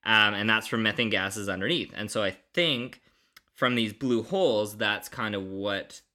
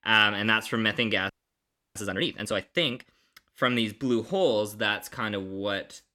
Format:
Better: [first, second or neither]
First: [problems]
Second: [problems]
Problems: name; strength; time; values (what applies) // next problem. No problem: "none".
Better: first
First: none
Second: audio freezing; at 1.5 s for 0.5 s